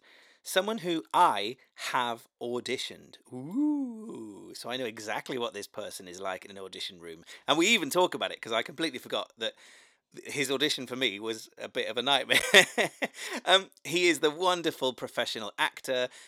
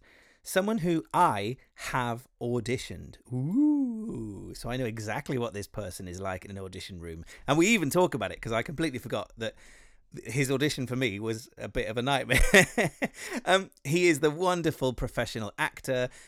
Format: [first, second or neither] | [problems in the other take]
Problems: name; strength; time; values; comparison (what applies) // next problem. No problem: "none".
second | thin; very slightly; fading below 300 Hz